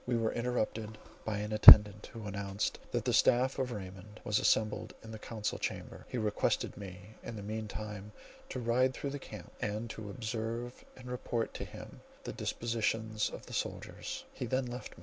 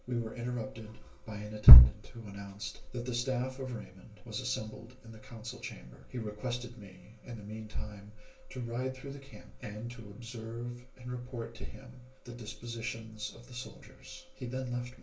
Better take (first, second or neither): first